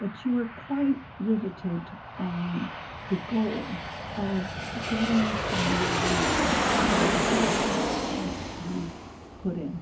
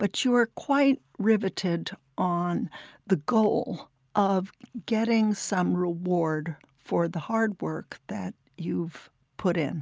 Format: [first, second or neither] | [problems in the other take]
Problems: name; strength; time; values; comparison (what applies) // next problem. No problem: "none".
second | background sound (Aircraft); 1 dB above the speech // room echo; dies away in 0.4 s